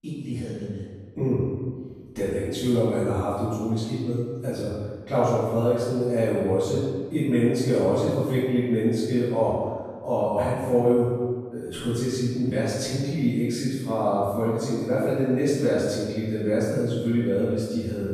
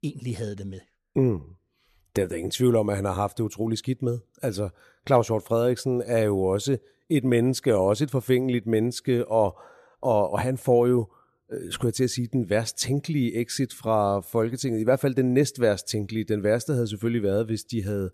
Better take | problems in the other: second | off-mic speech; far // room echo; strong; dies away in 1.4 s

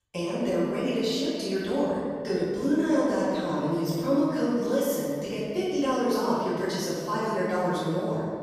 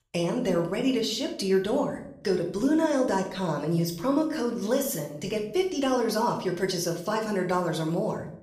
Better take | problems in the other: second | room echo; strong; dies away in 2.1 s; slight in the second // off-mic speech; far; somewhat distant in the second

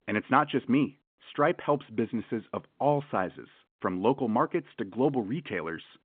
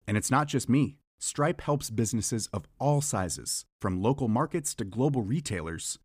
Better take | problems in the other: second | phone-call audio

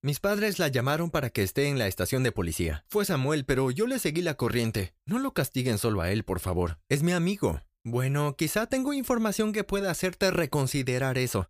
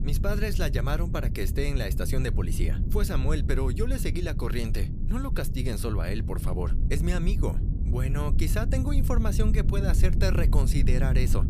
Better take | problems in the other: first | low rumble; loud; throughout; 8 dB below the speech

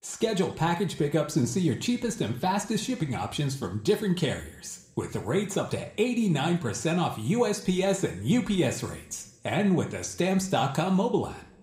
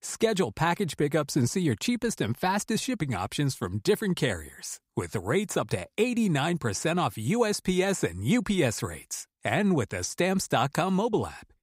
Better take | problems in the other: second | room echo; very slight; dies away in 0.6 s

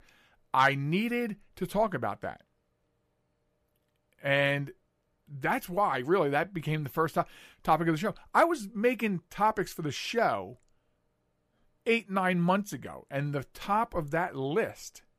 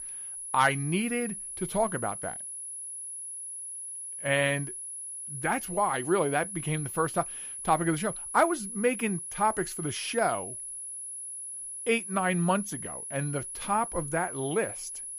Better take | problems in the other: first | high-pitched whine; loud; throughout; 10.5 kHz, 7 dB below the speech

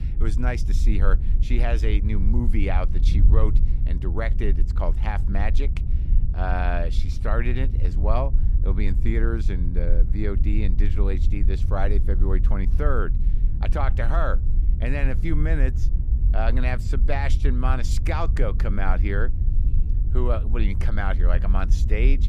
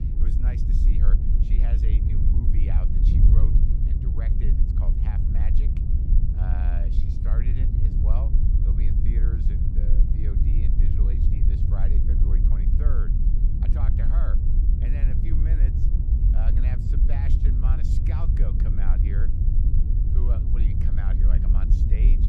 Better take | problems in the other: first | wind noise on the microphone; heavy; 3 dB above the speech; occasional gusts in the first

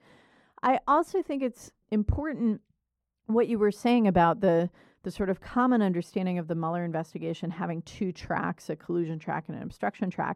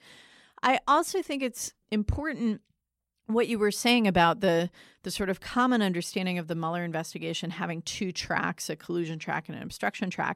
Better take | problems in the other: second | muffled; slightly; fading above 2 kHz

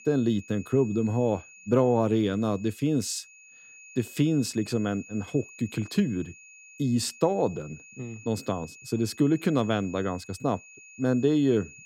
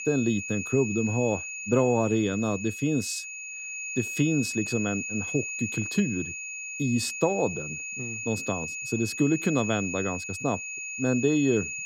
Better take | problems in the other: first | high-pitched whine; loud; throughout; 2.5 kHz, 5 dB below the speech; faint in the first

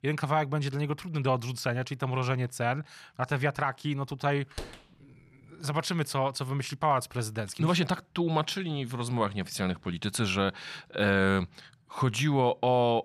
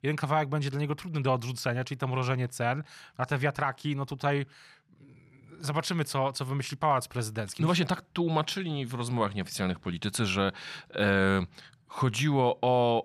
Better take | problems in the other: second | door banging; faint; at 4.5 s; peak 15 dB below the speech

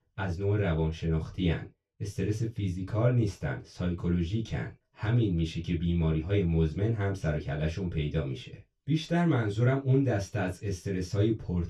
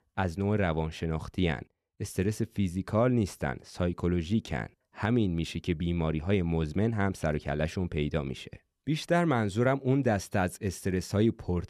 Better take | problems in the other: second | room echo; slight; dies away in 0.1 s // off-mic speech; far

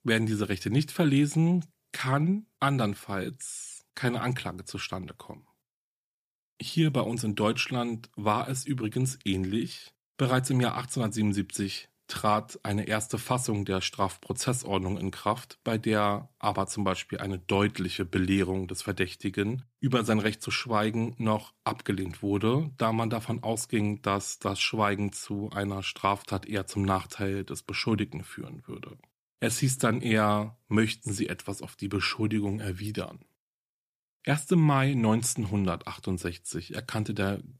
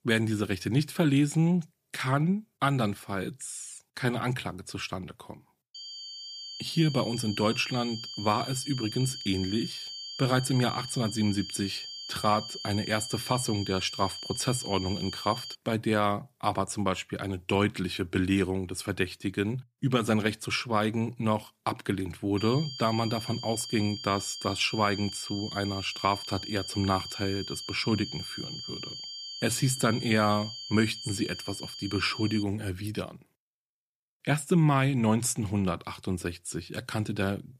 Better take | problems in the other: first | high-pitched whine; loud; from 6 to 16 s and from 22 to 32 s; 4.5 kHz, 8 dB below the speech

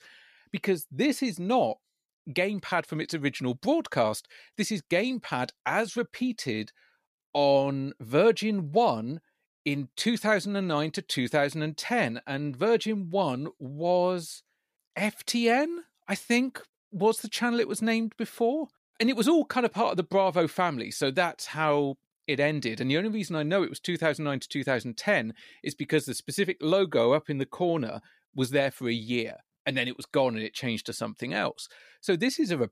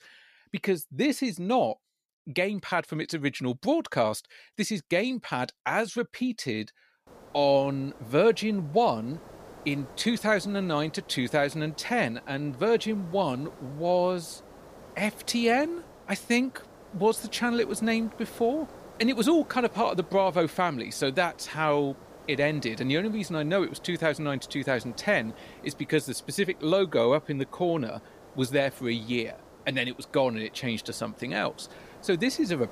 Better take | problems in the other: first | hiss; faint; from 7 s on; 20 dB below the speech

